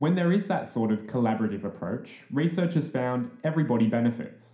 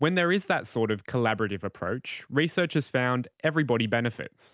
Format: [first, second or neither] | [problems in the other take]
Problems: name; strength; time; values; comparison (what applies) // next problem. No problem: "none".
second | room echo; dies away in 0.5 s